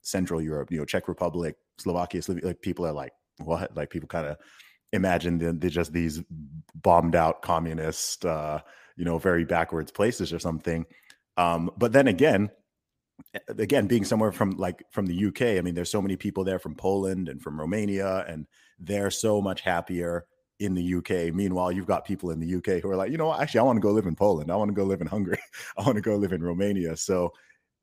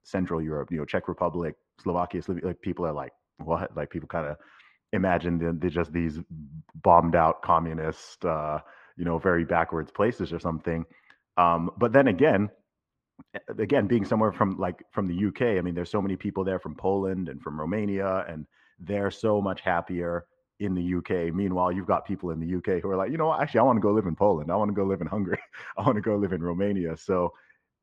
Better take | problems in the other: first | muffled; very; fading above 2.5 kHz

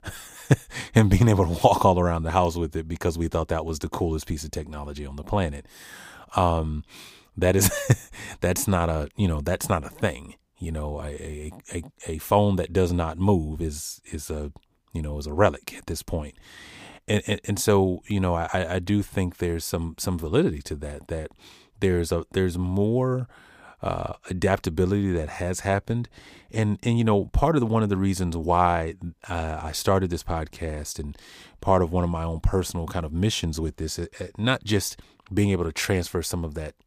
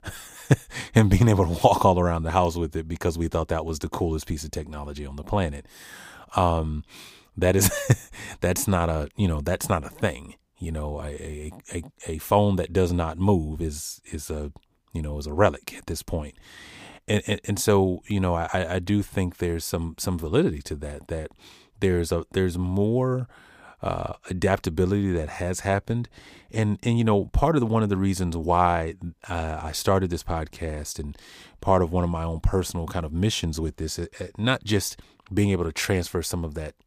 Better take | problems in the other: neither | none

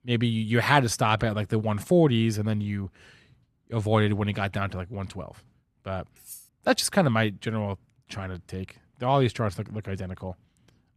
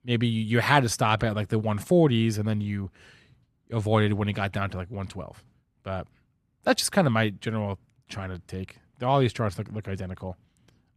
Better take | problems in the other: second | clattering dishes; faint; at 6 s; peak 15 dB below the speech

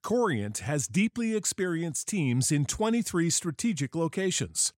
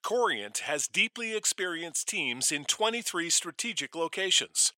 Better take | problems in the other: first | thin; very; fading below 600 Hz

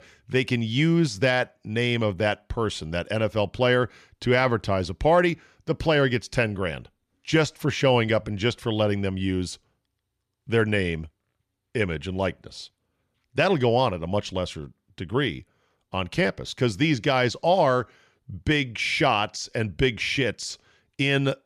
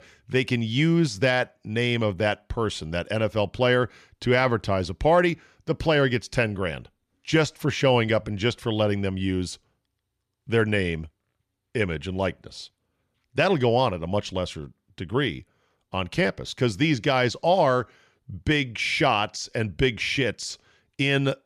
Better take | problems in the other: neither | none

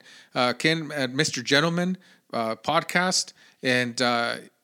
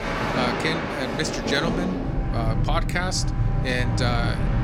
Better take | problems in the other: first | train or aircraft noise; very loud; throughout; 2 dB above the speech

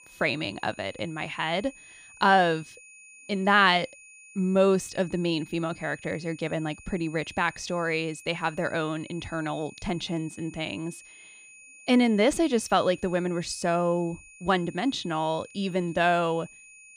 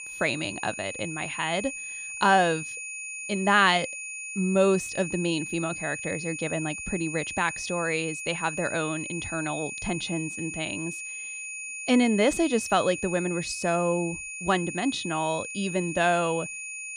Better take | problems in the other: first | high-pitched whine; loud; throughout; 2.5 kHz, 7 dB below the speech; faint in the first

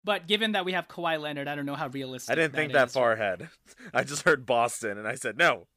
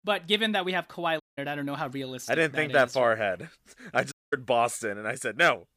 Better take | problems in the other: first | audio cutting out; at 1 s and at 4 s

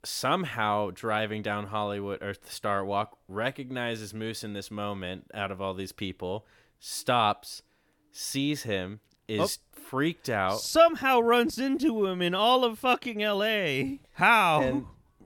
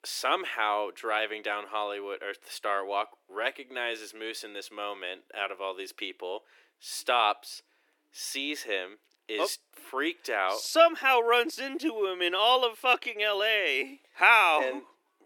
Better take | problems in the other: first | thin; somewhat; fading below 350 Hz

